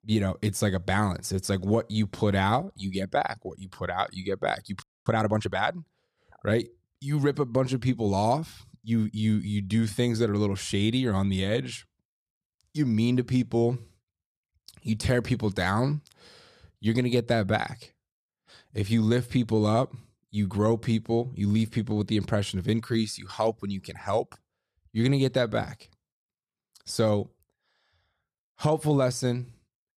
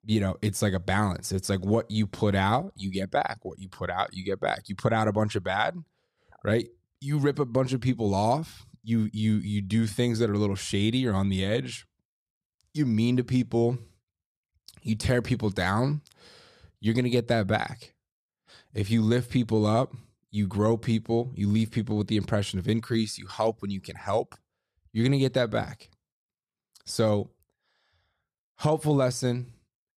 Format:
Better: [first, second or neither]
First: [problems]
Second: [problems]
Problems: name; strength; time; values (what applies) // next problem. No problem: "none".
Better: second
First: audio freezing; at 5 s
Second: none